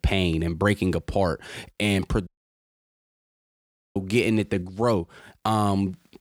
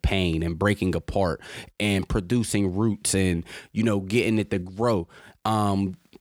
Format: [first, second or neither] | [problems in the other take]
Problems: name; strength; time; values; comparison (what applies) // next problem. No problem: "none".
second | audio cutting out; at 2.5 s for 1.5 s